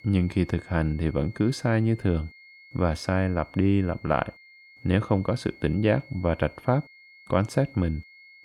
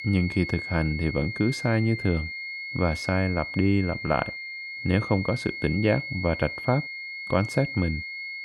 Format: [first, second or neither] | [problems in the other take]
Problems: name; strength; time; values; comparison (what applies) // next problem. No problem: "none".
first | high-pitched whine; loud; throughout; 2 kHz, 7 dB below the speech; faint in the first